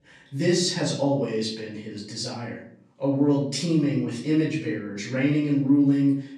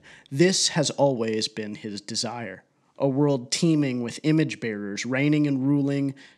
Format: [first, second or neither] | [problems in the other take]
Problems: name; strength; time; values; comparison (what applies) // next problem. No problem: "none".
second | room echo; noticeable; dies away in 0.5 s // off-mic speech; far